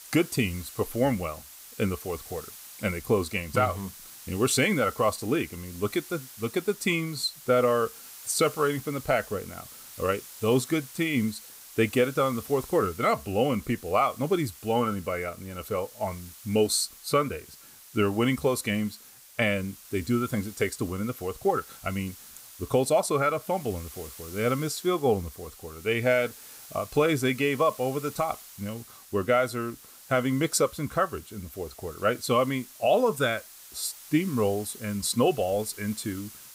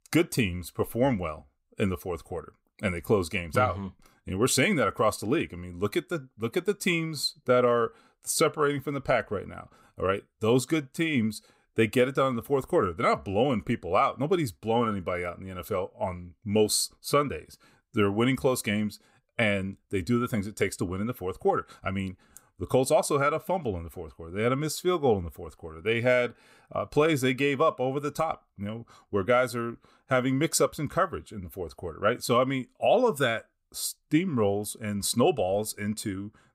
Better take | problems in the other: second | hiss; noticeable; throughout; 15 dB below the speech

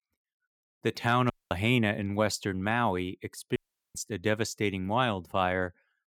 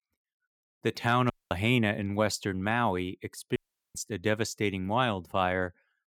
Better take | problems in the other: neither | audio cutting out; at 1.5 s and at 3.5 s; the same in both

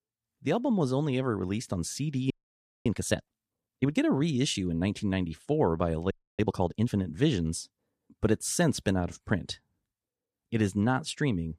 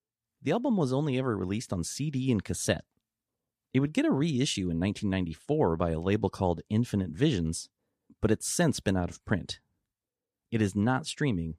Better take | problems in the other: second | audio freezing; at 2.5 s for 0.5 s and at 6 s

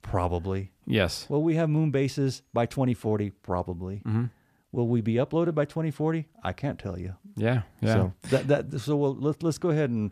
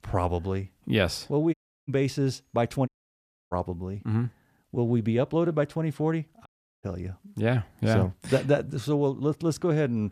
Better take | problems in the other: first | audio cutting out; at 1.5 s, at 3 s for 0.5 s and at 6.5 s

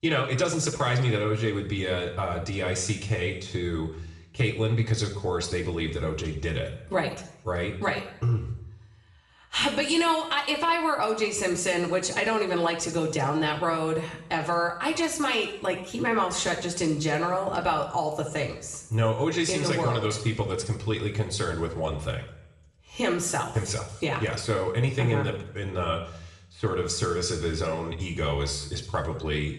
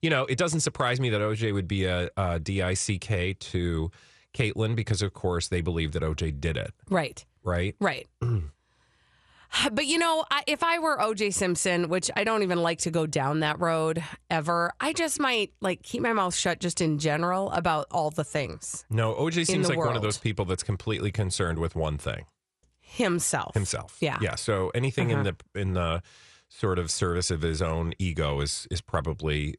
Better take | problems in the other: second | room echo; slight; dies away in 0.7 s // off-mic speech; somewhat distant

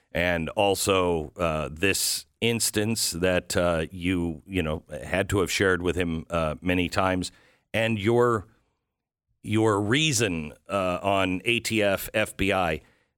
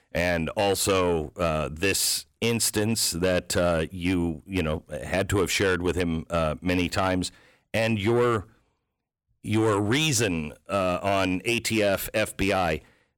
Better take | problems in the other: first | distortion; slight; 10 dB below the speech

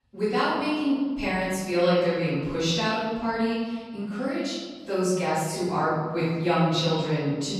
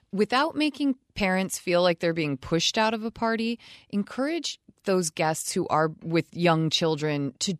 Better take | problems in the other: second | off-mic speech; far // room echo; strong; dies away in 1.3 s

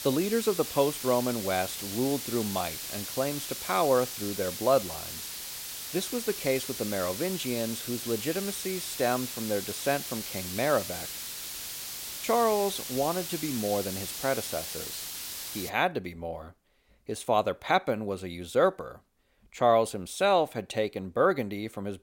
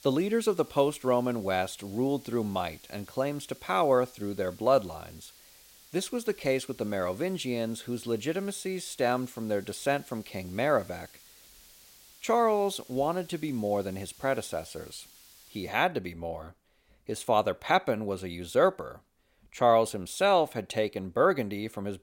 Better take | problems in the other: second | hiss; loud; until 16 s; 6 dB below the speech; faint in the second

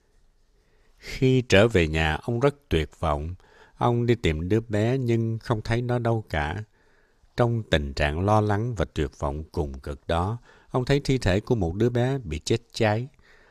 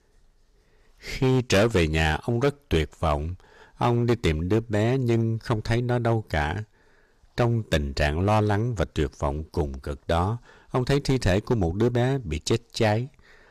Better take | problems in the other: first | distortion; slight; 5% of the sound clipped

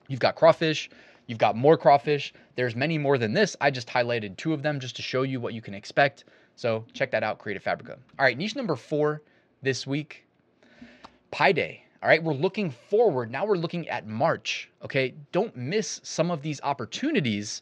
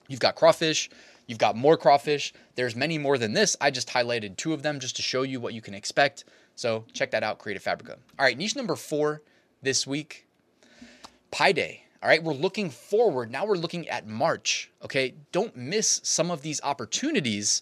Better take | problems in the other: second | muffled; slightly; fading above 3 kHz

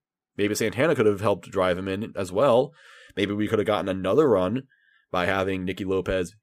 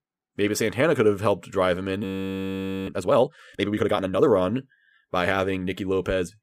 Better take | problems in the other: first | audio freezing; at 2 s for 1 s

